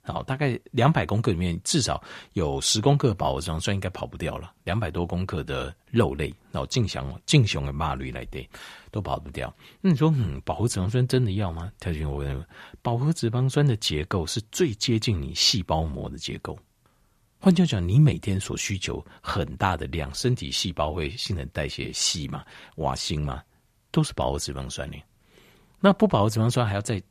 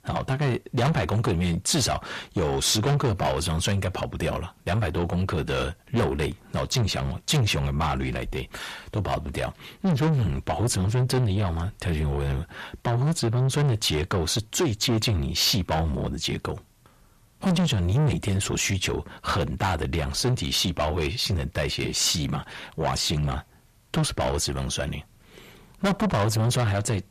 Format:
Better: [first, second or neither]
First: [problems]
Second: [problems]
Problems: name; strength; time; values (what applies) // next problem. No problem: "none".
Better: first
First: none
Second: distortion; heavy; 6 dB below the speech